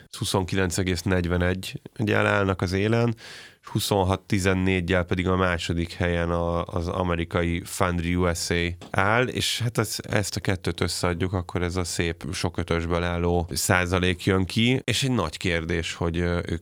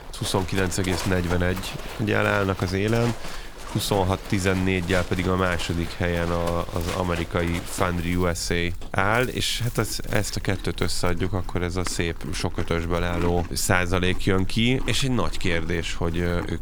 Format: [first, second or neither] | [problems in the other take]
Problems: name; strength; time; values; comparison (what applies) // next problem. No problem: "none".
first | animal sounds; noticeable; throughout; 10 dB below the speech